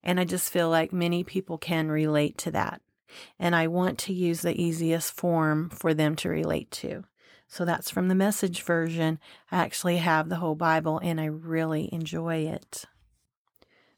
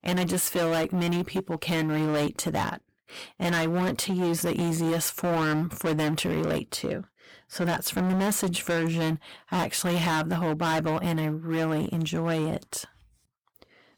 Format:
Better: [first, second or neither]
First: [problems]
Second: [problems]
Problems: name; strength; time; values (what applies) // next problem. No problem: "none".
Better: first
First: none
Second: distortion; heavy; 21% of the sound clipped